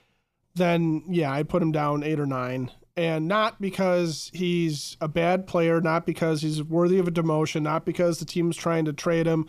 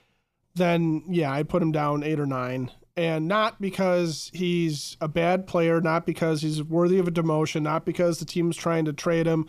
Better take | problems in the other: neither | none

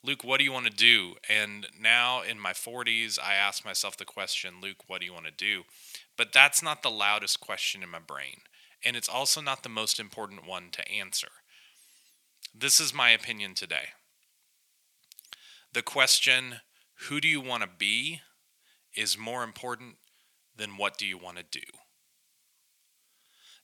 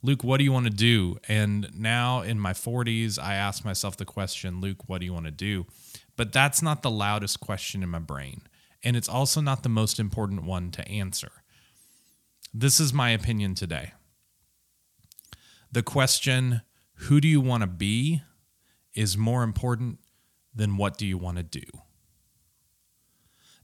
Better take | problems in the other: second | thin; very; fading below 500 Hz

